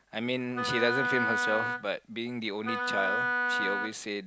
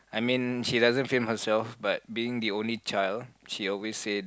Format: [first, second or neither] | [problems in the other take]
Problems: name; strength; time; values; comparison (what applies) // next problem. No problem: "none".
second | background sound (Wind instrument, woodwind instrument); 1 dB above the speech